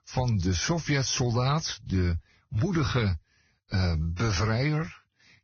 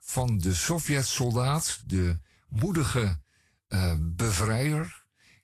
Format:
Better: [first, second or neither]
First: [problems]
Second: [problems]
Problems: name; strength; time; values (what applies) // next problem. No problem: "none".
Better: second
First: garbled, watery; badly; nothing above 6 kHz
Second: garbled, watery; slightly; nothing above 12.5 kHz